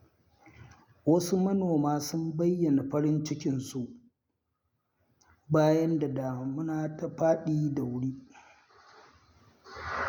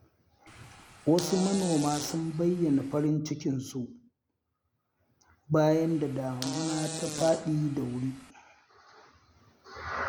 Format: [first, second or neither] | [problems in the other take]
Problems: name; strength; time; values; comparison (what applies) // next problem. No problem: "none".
first | background sound (Fart); 10 dB below the speech